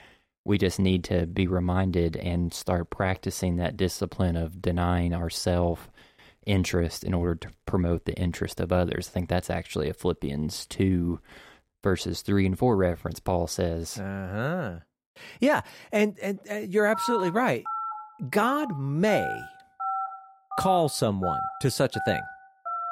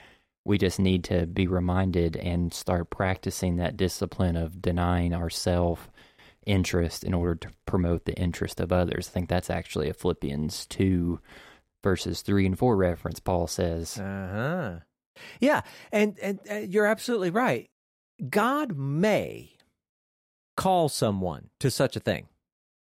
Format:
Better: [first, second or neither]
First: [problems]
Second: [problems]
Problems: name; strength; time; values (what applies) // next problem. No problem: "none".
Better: second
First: phone ringing; noticeable; from 17 s on; peak 3 dB below the speech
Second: none